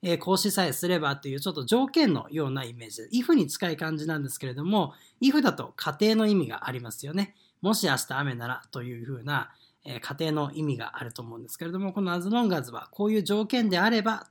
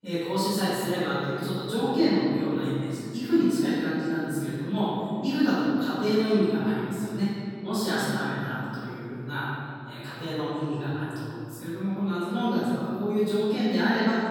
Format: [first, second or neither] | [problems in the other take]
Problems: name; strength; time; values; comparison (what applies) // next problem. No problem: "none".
first | off-mic speech; far // room echo; strong; dies away in 2.4 s